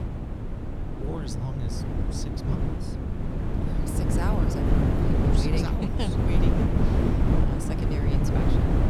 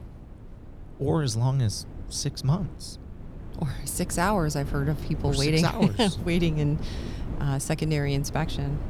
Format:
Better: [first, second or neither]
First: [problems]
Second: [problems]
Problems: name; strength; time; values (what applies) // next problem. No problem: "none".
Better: second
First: wind noise on the microphone; heavy; 5 dB above the speech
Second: wind noise on the microphone; occasional gusts; 15 dB below the speech